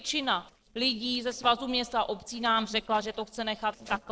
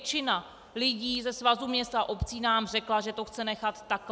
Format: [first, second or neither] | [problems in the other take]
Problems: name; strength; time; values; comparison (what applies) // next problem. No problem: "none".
second | noise reduction (neural separator model SepFormer DNS4)